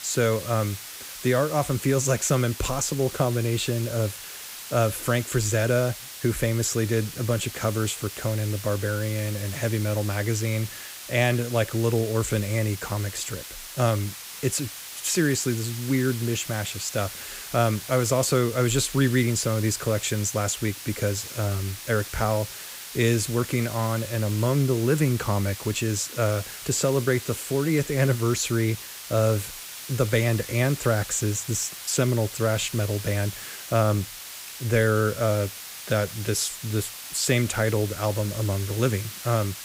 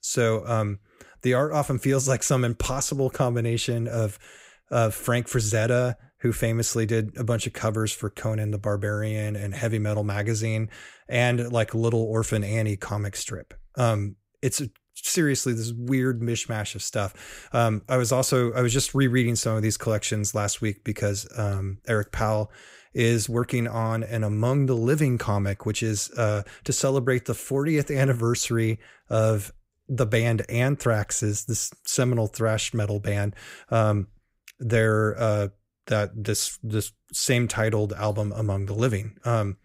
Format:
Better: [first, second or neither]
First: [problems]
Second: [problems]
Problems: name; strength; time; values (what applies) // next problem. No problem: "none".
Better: second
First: hiss; noticeable; throughout; 10 dB below the speech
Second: none